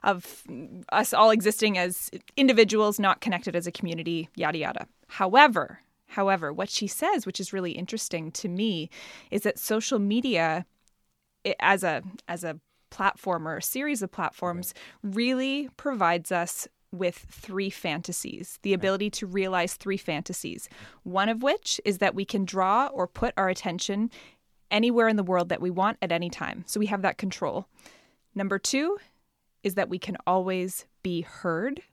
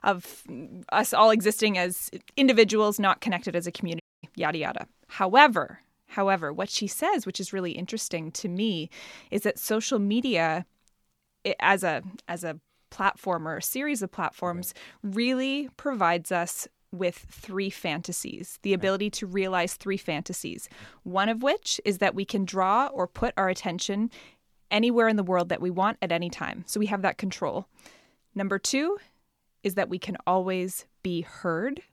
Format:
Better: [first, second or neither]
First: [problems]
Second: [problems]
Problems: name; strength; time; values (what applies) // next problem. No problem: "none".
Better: first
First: none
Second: audio cutting out; at 4 s